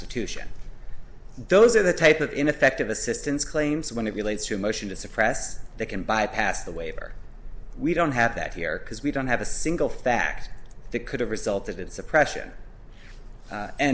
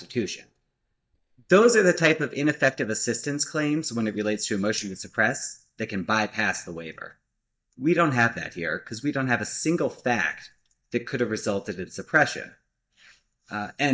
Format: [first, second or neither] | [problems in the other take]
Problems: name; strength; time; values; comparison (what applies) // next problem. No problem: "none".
first | noise reduction (neural mask model DeepFilterNet 3)